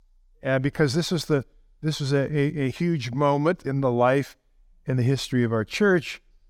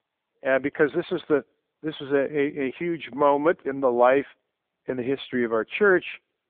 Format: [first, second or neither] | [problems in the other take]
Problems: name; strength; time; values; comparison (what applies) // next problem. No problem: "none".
first | phone-call audio; poor line